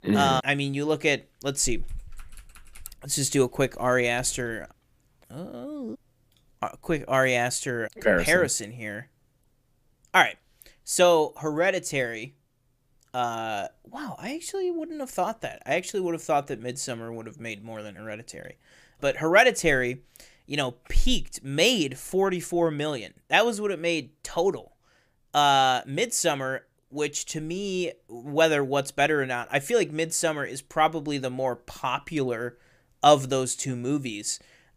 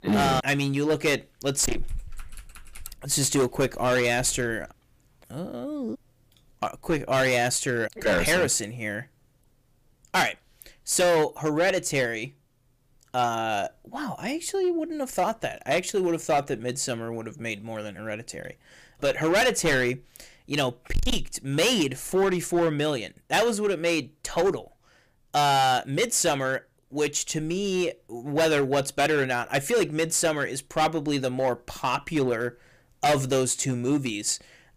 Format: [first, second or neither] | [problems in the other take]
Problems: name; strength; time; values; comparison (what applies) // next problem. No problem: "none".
first | distortion; heavy; 9% of the sound clipped